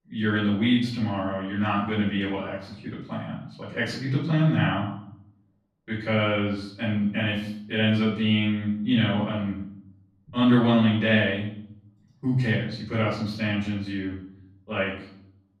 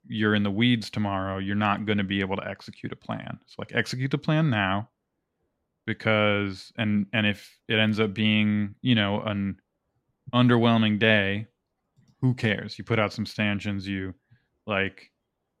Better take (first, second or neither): second